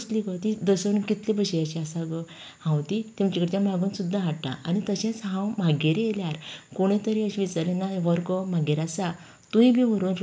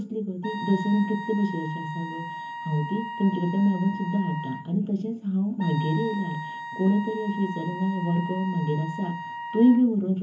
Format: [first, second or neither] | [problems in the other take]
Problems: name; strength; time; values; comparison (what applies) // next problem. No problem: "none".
first | background sound (Wind instrument, woodwind instrument); 11 dB below the speech // room echo; dies away in 0.3 s